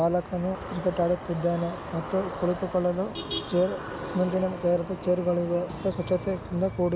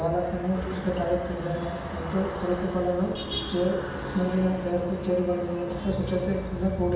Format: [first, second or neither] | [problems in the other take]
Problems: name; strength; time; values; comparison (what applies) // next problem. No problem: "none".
first | background sound (Plucked string instrument); 19 dB below the speech // room echo; dies away in 0.8 s